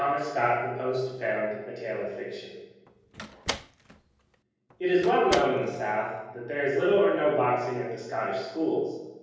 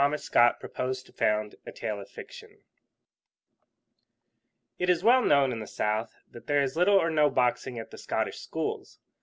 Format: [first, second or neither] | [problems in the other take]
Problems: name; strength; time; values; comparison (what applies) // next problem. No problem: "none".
second | background sound (Slam); 12 dB below the speech // room echo; dies away in 1.3 s